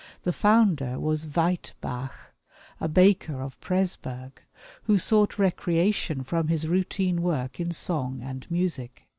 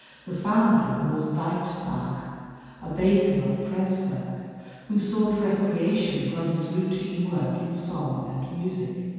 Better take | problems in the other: first | room echo; dies away in 2.1 s

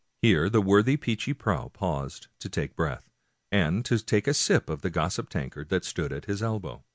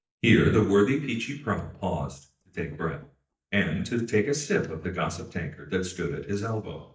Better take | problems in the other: first | noise reduction (neural mask model DeepFilterNet 3)

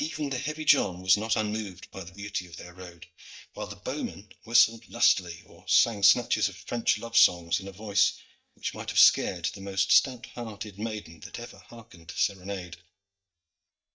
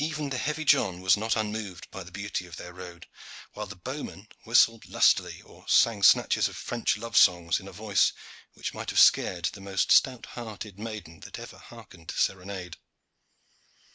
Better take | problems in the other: second | noise reduction (neural mask model DeepFilterNet 3)

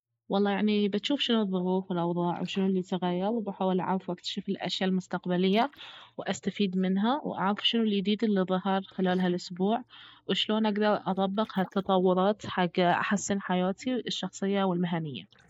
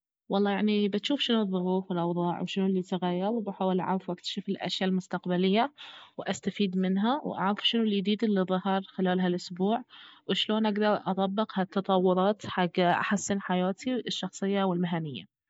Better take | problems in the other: second | noise reduction (neural mask model Resemble Enhance denoiser)

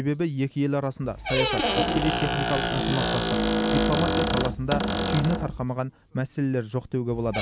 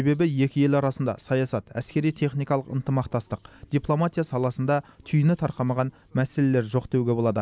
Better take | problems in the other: second | background sound (Squeak); as loud as the speech

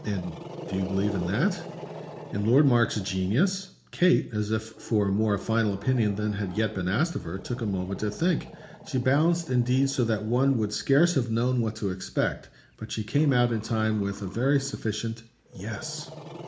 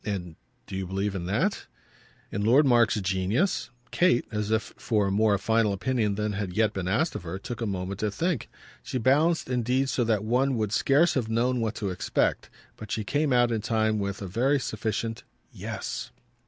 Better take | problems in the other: second | background sound (Growling); 16 dB below the speech // room echo; dies away in 0.4 s

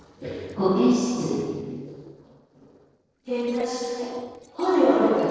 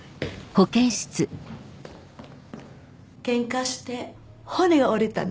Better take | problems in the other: second | noise reduction (neural separator model SepFormer DNS4)

